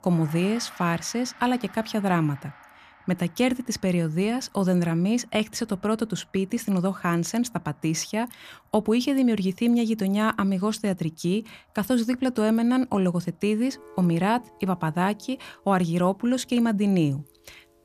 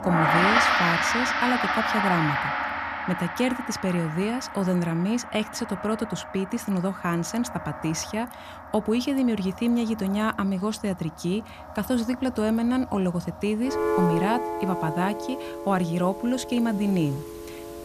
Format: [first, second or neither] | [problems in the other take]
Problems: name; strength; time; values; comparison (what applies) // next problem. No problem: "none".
first | background music; loud; throughout; 1 dB below the speech; faint in the first